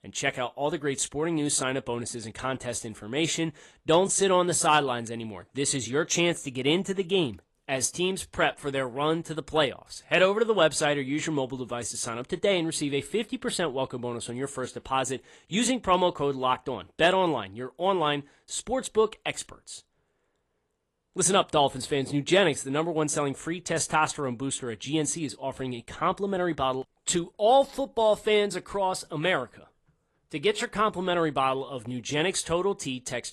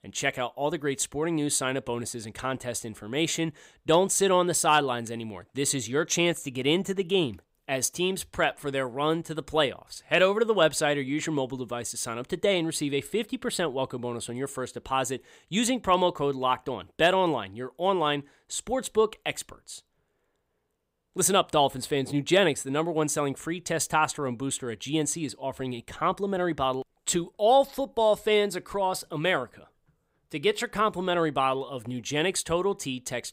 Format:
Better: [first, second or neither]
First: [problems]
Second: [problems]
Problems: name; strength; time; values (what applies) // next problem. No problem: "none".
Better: second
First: garbled, watery; slightly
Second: none